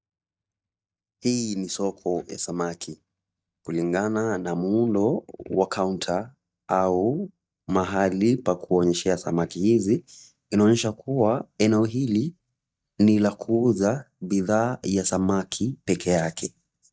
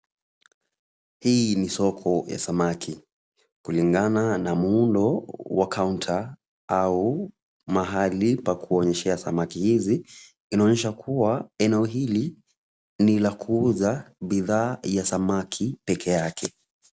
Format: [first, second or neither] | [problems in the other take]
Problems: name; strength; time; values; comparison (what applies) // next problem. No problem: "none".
second | noise reduction (neural mask model DeepFilterNet 3)